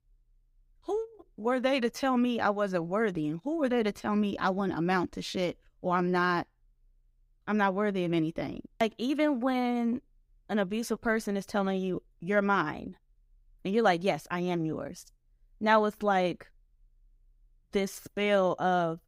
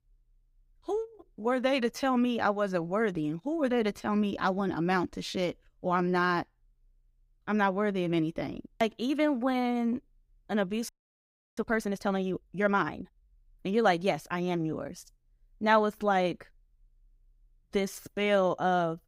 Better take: first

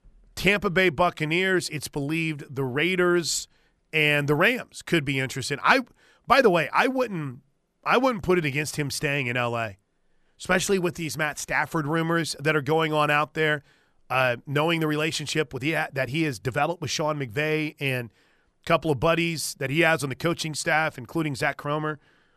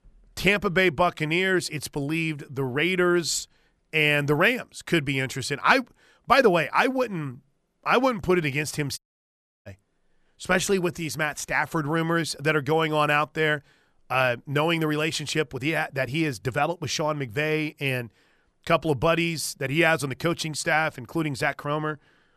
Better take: first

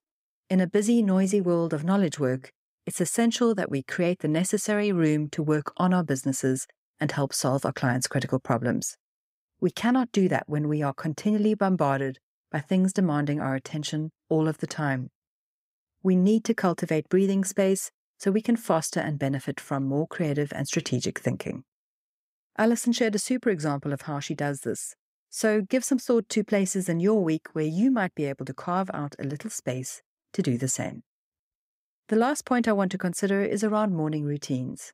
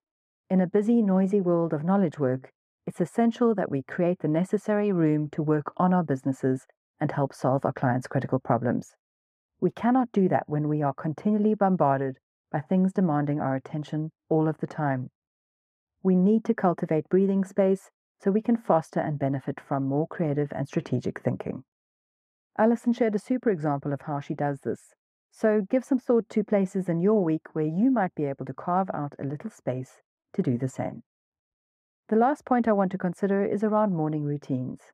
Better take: first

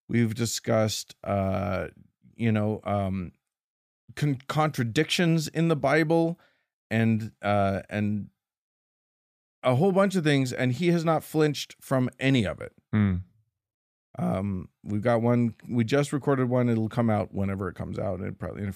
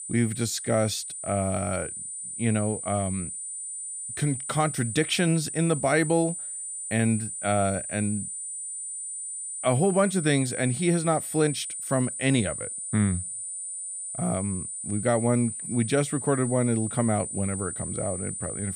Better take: first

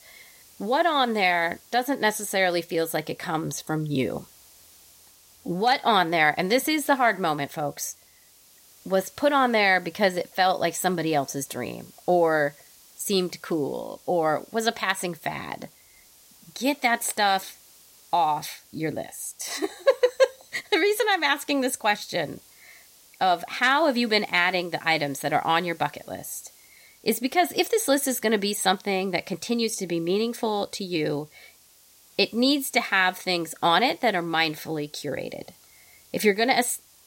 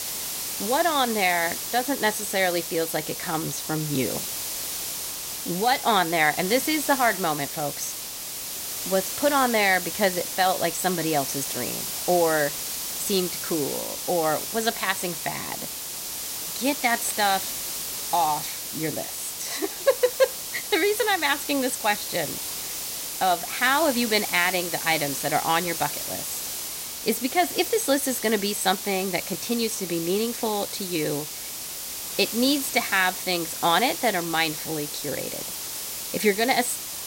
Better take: first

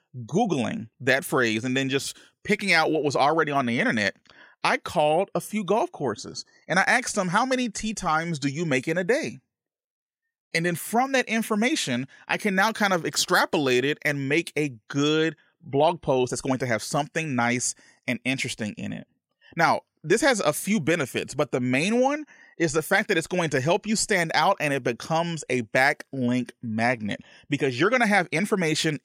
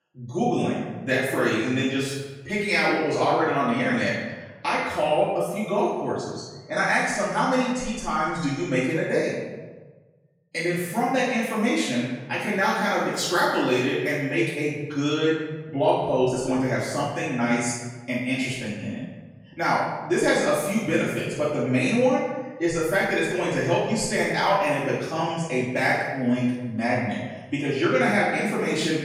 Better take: first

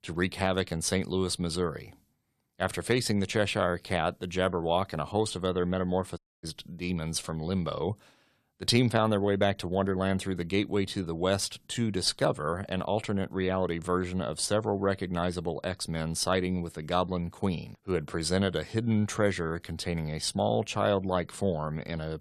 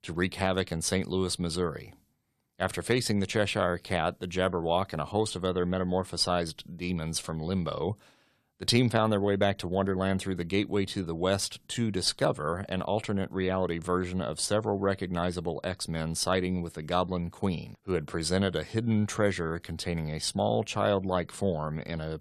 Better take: second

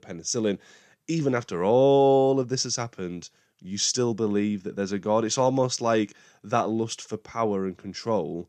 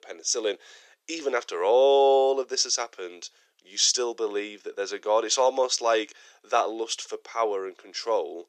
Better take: first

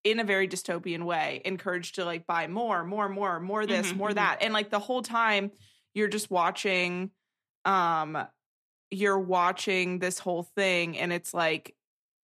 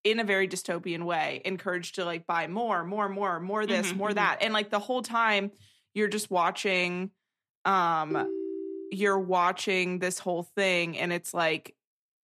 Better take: first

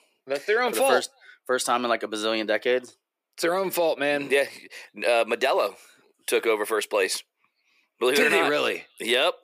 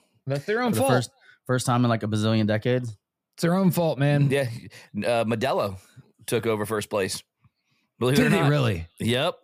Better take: second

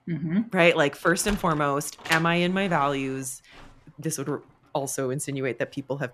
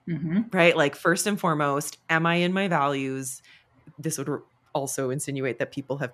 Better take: second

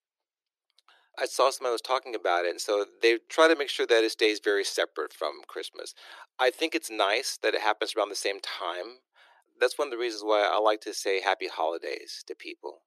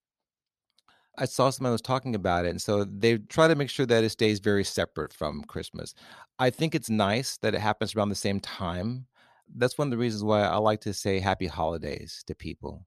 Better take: second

